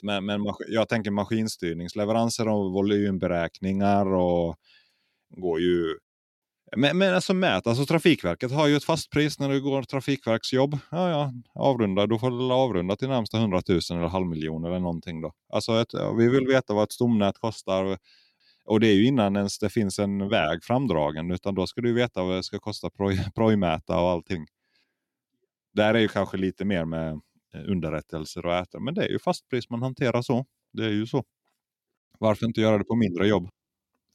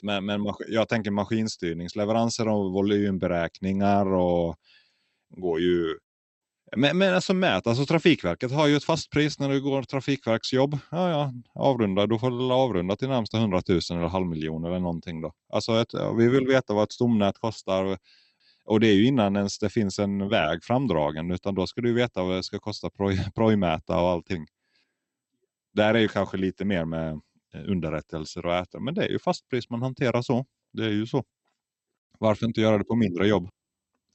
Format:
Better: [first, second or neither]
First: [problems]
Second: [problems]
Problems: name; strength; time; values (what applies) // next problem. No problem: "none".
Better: first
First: none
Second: garbled, watery; slightly; nothing above 8 kHz